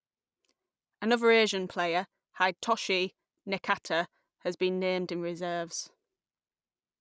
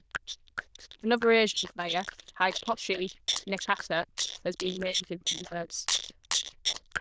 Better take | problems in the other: first | noise reduction (neural diffusion model UNIVERSE++)

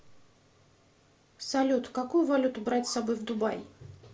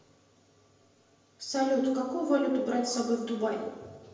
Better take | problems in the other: first | room echo; dies away in 1 s

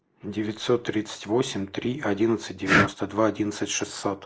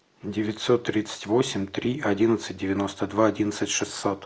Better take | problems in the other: second | noise reduction (neural mask model Resemble Enhance denoiser)

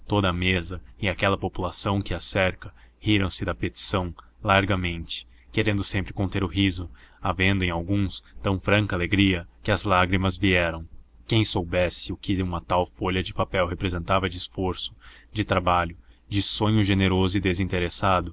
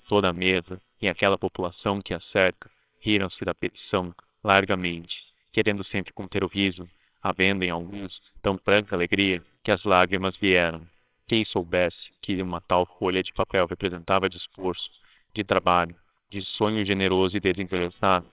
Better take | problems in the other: first | noise reduction (neural separator model SepFormer WHAMR!)

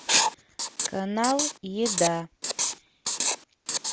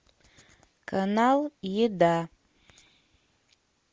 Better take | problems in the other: second | background sound (Writing); 2 dB above the speech

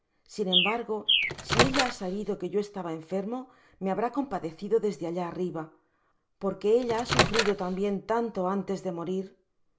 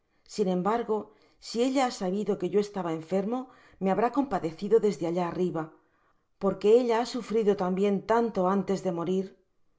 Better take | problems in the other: second | background sound (Bird + Microwave oven); 2 dB above the speech

